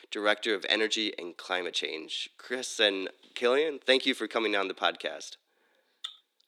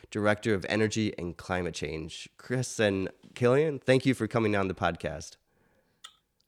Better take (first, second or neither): second